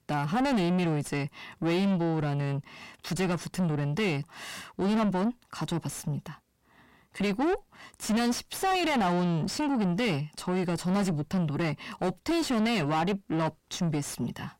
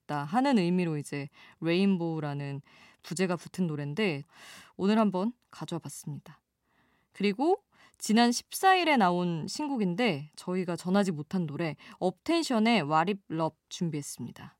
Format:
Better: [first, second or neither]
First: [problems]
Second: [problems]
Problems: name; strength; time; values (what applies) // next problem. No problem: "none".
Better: second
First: distortion; heavy; 4 dB below the speech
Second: none